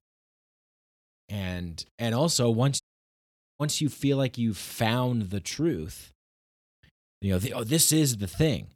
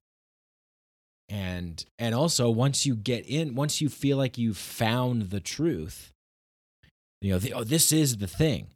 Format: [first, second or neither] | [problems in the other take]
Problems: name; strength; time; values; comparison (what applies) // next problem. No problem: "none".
second | audio cutting out; at 3 s for 1 s